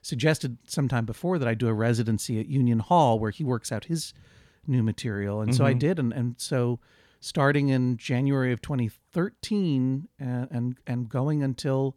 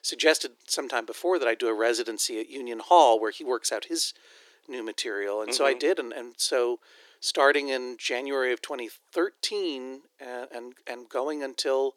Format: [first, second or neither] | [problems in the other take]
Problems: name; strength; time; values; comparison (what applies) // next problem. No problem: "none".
first | thin; very; fading below 350 Hz